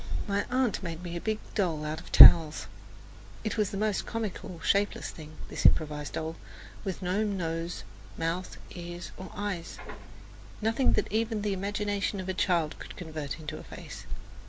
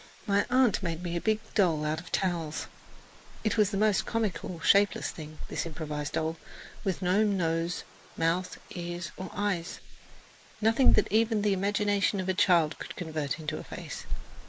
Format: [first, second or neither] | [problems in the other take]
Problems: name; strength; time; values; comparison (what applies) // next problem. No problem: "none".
first | noise reduction (neural mask model Resemble Enhance denoiser)